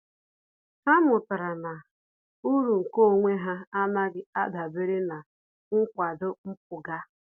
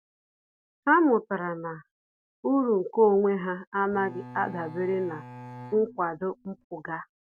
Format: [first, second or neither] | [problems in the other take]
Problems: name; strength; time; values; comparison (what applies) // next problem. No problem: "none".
first | background sound (Bowed string instrument); 16 dB below the speech